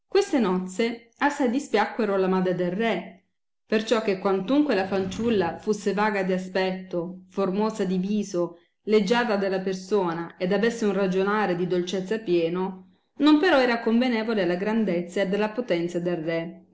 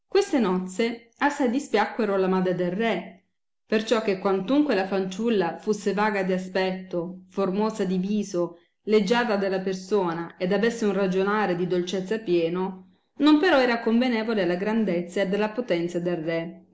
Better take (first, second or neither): second